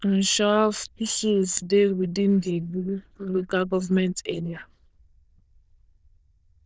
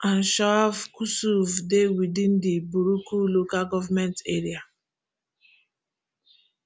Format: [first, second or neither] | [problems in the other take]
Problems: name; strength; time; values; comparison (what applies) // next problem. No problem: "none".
second | noise reduction (neural diffusion model UNIVERSE++)